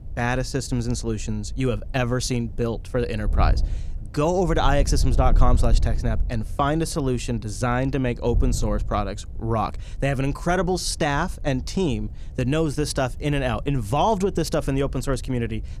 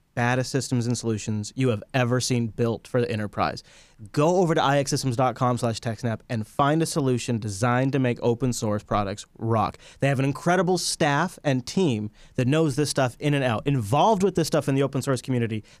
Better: second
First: wind noise on the microphone; occasional gusts; 20 dB below the speech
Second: none

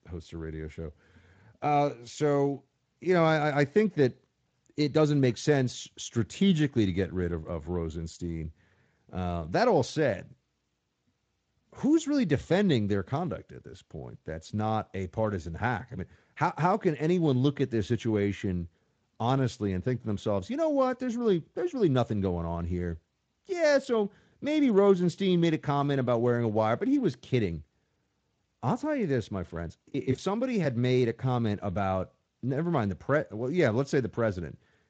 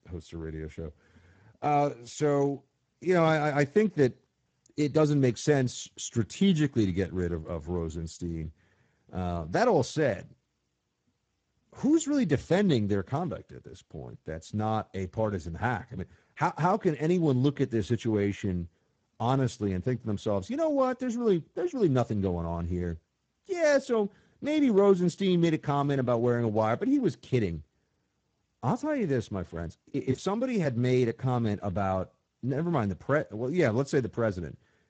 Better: first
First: garbled, watery; slightly; nothing above 7.5 kHz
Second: garbled, watery; badly; nothing above 7.5 kHz

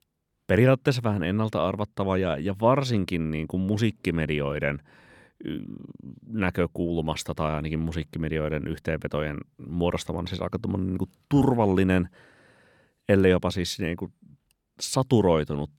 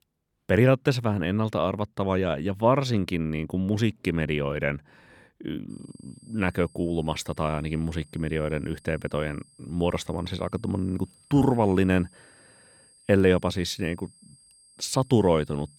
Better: first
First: none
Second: high-pitched whine; faint; from 5.5 s on; 8.5 kHz, 30 dB below the speech

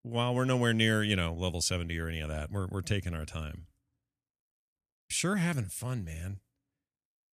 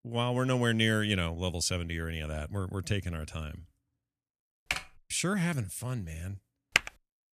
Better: first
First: none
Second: keyboard typing; noticeable; at 4.5 s; peak 3 dB below the speech // keyboard typing; very faint; at 7 s; peak 3 dB above the speech

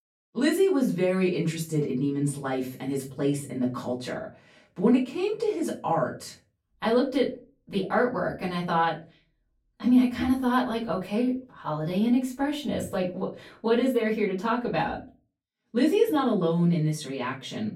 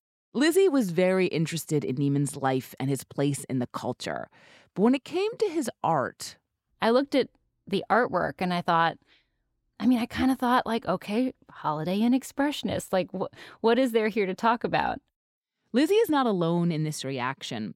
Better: second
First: room echo; slight; dies away in 0.3 s // off-mic speech; far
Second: none

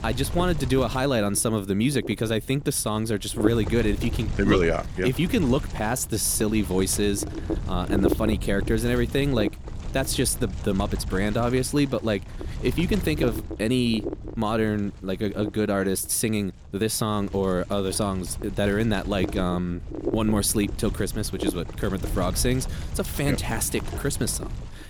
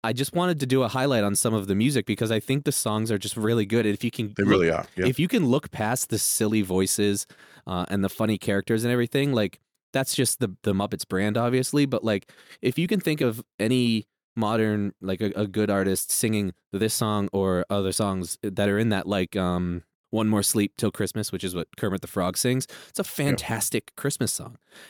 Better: second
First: wind noise on the microphone; occasional gusts; 10 dB below the speech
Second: none

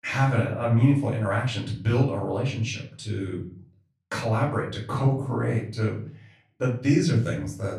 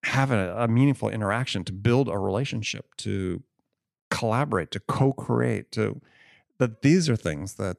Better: second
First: off-mic speech; far // room echo; slight; dies away in 0.5 s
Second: none

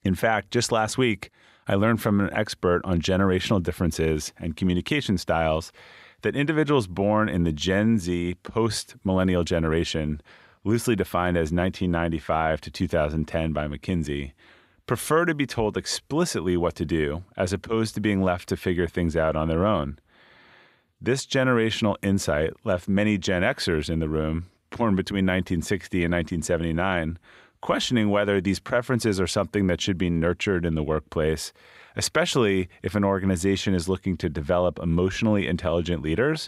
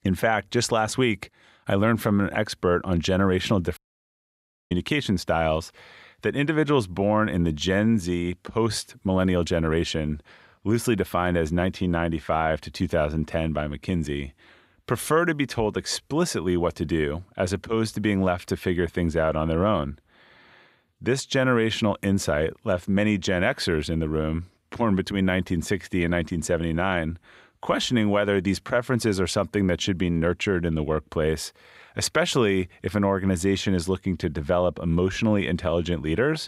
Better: first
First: none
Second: audio cutting out; at 4 s for 1 s

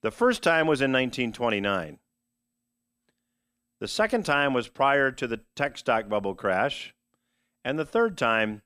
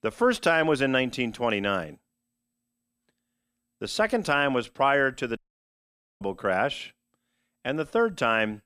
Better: first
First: none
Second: audio cutting out; at 5.5 s for 1 s

